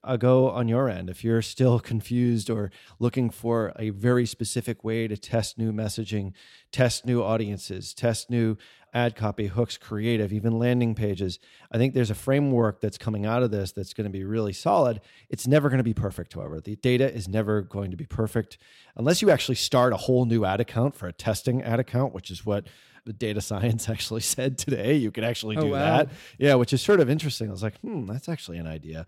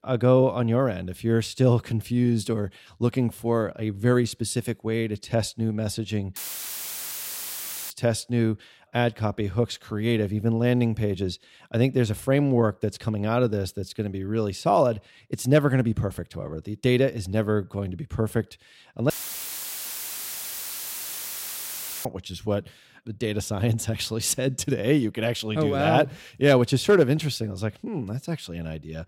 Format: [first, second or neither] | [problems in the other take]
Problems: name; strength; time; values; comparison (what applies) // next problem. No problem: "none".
first | audio cutting out; filled with static; at 6.5 s for 1.5 s and at 19 s for 3 s